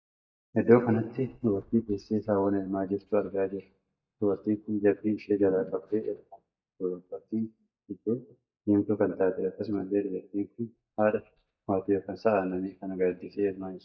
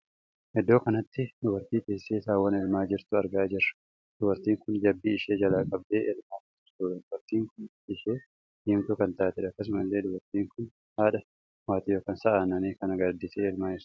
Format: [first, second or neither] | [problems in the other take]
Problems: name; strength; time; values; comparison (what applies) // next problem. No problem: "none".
second | noise reduction (neural mask model DeepFilterNet 3)